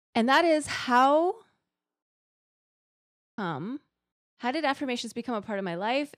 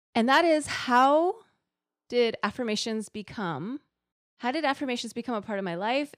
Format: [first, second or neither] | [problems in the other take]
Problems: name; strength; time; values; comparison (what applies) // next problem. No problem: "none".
second | audio cutting out; at 2 s for 1.5 s